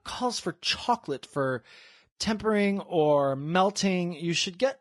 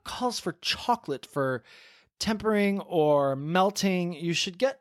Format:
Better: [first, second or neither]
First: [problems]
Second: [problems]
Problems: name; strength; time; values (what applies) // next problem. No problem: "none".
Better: second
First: garbled, watery; slightly; nothing above 11 kHz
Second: none